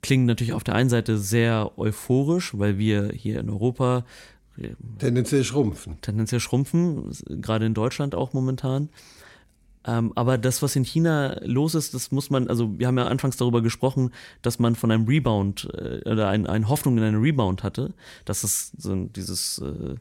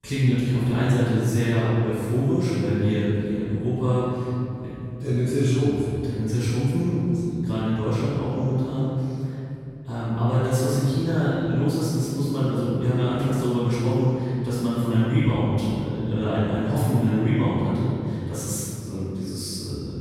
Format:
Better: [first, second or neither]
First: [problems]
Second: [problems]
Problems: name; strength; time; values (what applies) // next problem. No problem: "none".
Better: first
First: none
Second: off-mic speech; far // room echo; strong; dies away in 3 s